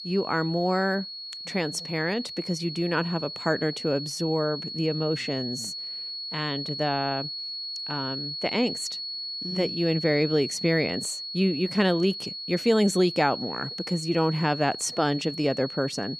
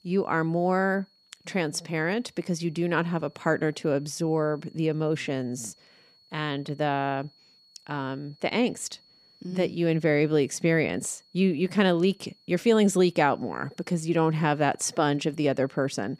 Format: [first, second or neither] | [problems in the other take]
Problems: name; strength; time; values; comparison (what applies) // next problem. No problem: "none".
second | high-pitched whine; loud; throughout; 4.5 kHz, 6 dB below the speech; faint in the second